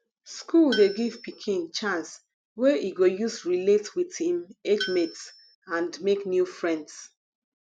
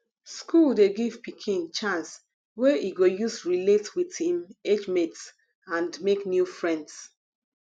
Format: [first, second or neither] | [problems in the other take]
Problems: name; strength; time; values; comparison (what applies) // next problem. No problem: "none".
second | background sound (Tools); 10 dB below the speech